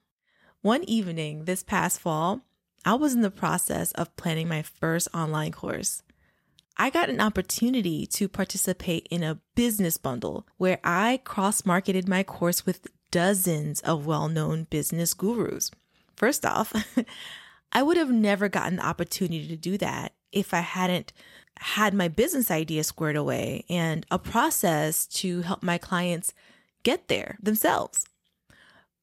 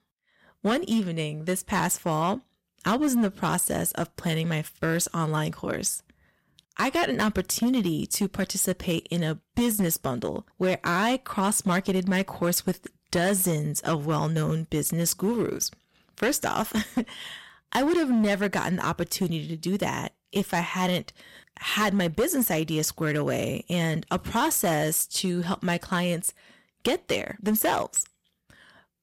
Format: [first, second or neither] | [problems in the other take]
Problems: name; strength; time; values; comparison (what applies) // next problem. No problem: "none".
first | distortion; slight; 6% of the sound clipped